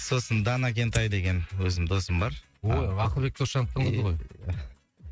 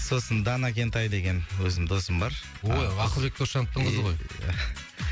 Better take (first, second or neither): second